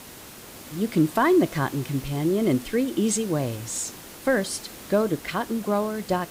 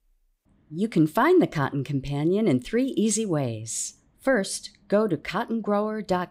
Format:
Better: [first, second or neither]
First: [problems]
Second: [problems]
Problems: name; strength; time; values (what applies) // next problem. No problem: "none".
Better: second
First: hiss; noticeable; throughout; 15 dB below the speech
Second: none